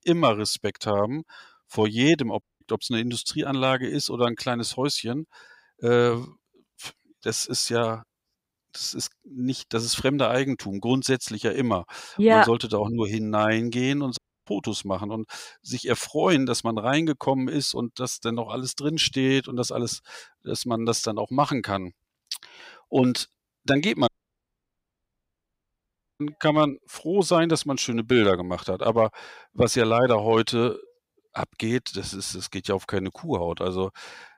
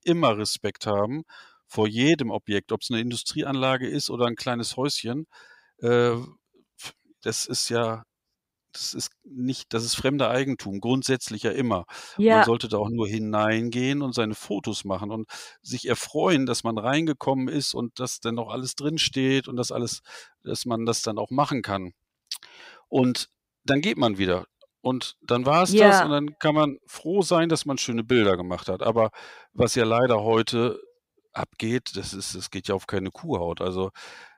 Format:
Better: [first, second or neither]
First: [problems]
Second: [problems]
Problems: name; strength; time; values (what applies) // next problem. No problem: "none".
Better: second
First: audio cutting out; at 2.5 s, at 14 s and at 24 s for 2 s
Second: none